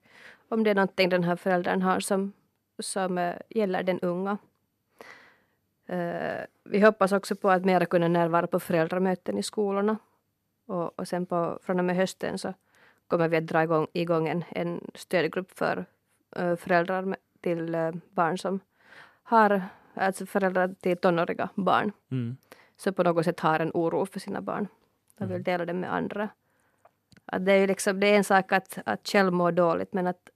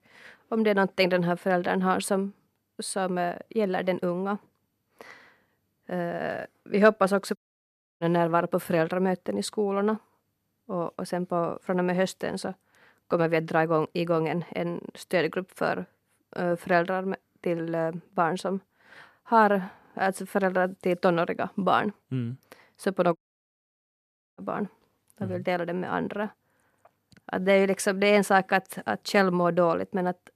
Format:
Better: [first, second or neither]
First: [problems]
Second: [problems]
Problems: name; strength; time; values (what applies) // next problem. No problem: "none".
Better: first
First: none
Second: audio cutting out; at 7.5 s for 0.5 s and at 23 s for 1 s